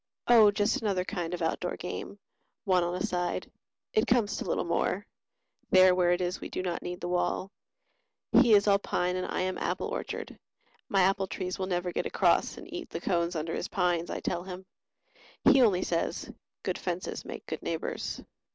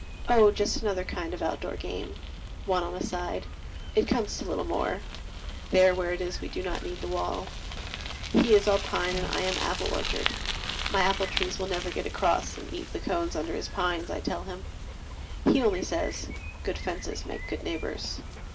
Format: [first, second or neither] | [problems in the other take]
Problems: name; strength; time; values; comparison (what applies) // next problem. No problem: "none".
first | background sound (Bicycle); 6 dB below the speech // room echo; dies away in 0.2 s